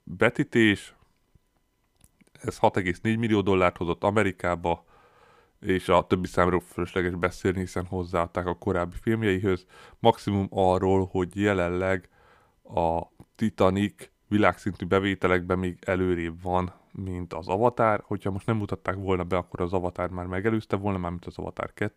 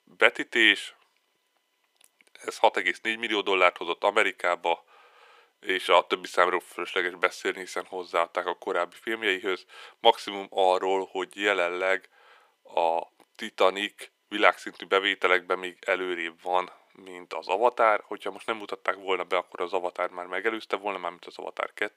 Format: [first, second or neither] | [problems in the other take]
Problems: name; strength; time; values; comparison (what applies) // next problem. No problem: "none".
first | thin; very; fading below 450 Hz